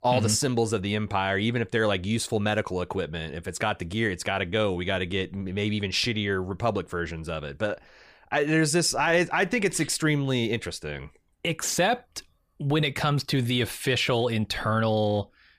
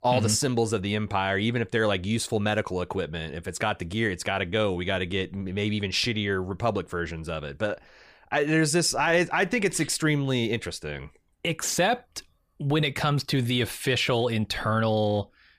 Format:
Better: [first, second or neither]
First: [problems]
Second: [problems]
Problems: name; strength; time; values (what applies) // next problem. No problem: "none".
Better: neither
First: none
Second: none